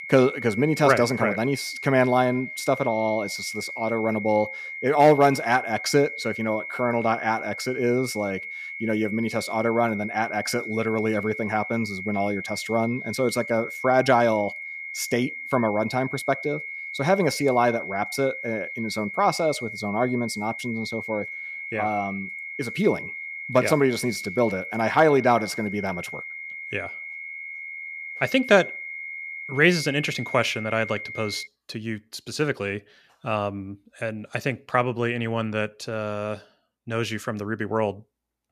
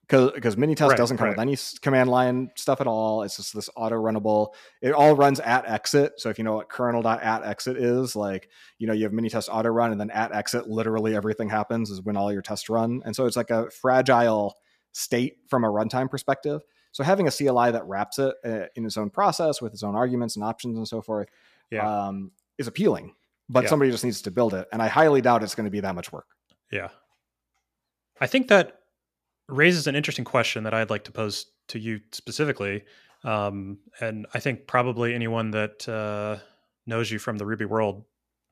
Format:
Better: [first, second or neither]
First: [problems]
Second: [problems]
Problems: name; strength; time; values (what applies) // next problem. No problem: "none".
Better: second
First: high-pitched whine; loud; until 31 s; 2 kHz, 9 dB below the speech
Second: none